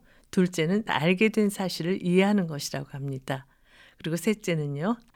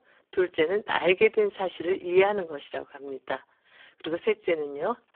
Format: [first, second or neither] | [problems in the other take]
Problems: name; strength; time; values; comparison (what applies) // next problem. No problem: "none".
first | phone-call audio; poor line